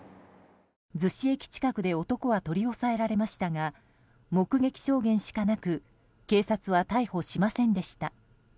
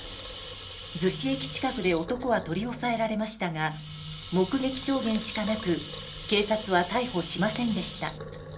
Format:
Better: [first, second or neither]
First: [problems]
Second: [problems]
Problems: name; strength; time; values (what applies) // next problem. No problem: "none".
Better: first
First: none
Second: background sound (Water tap, faucet / Liquid); 12 dB below the speech // room echo; dies away in 0.2 s